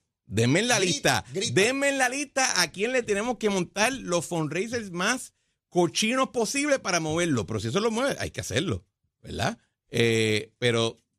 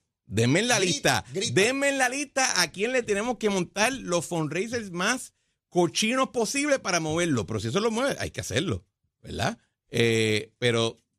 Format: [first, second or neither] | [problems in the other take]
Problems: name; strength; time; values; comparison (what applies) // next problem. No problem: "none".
neither | none